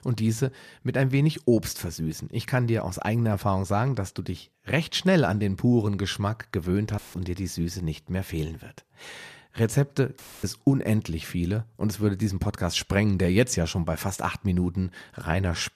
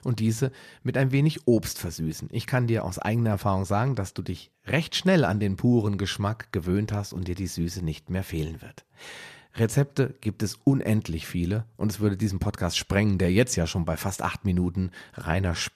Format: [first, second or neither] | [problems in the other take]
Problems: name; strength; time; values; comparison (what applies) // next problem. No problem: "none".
second | audio cutting out; filled with static; at 7 s and at 10 s